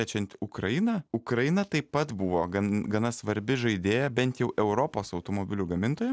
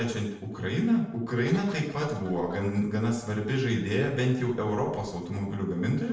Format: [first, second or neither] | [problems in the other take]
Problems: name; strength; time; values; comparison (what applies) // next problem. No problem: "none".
first | background sound (Cough); 18 dB below the speech // room echo; dies away in 0.7 s